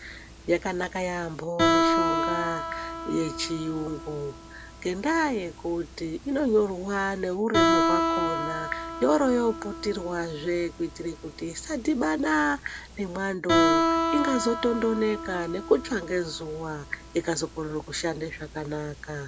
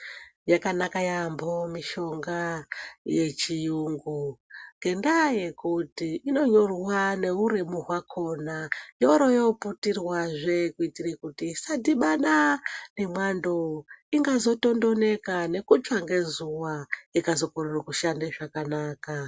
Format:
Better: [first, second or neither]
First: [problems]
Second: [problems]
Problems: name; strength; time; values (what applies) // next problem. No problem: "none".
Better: second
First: background sound (Guitar); 2 dB below the speech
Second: none